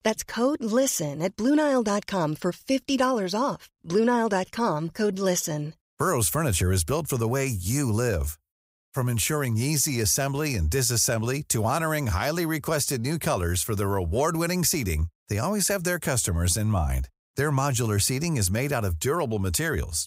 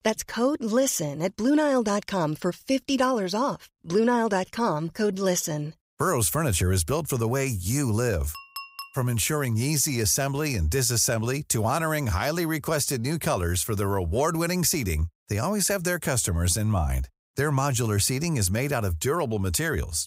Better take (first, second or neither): first